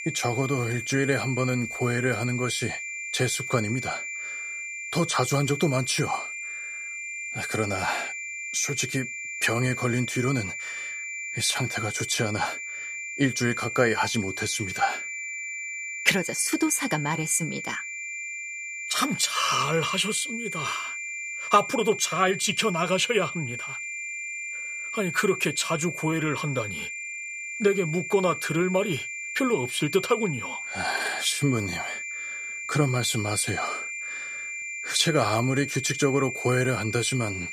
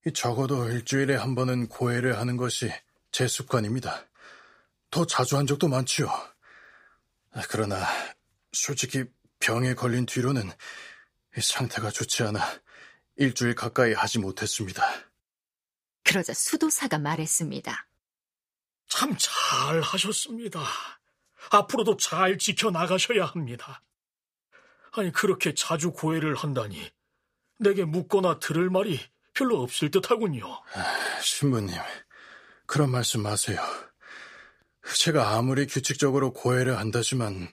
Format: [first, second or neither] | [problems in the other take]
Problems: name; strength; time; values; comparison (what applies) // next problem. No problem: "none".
second | high-pitched whine; loud; throughout; 2.5 kHz, 6 dB below the speech